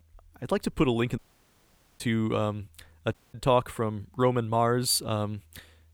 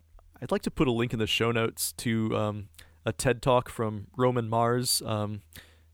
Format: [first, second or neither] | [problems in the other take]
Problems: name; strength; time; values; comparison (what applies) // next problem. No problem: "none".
second | audio cutting out; at 1 s for 1 s and at 3 s